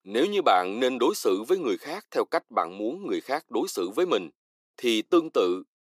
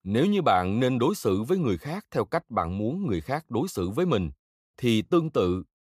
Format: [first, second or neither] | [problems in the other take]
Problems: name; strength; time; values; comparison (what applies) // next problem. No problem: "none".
second | thin; somewhat; fading below 300 Hz